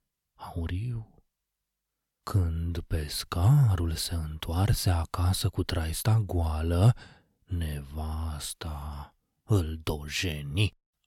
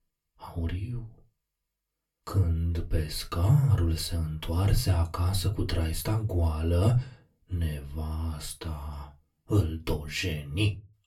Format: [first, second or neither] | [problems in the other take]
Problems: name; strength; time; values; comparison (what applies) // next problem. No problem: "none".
first | off-mic speech; somewhat distant // room echo; very slight; dies away in 0.2 s